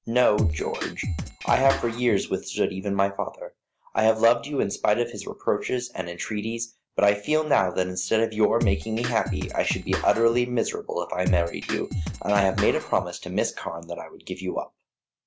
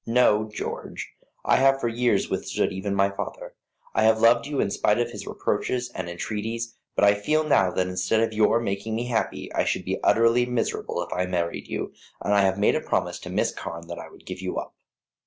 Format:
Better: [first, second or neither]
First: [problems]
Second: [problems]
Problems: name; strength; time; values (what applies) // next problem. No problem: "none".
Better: second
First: background sound (Drum kit); 4 dB below the speech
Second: none